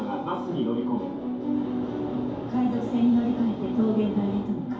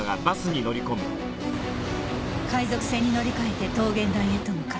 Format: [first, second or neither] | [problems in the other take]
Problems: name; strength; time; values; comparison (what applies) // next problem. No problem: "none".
second | room echo; dies away in 2.4 s